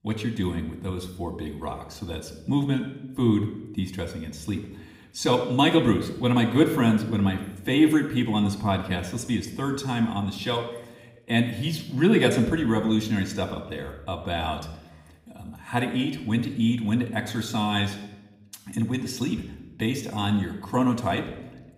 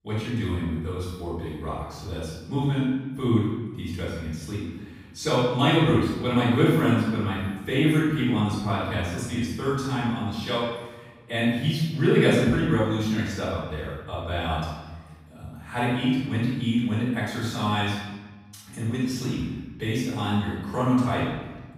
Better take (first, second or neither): first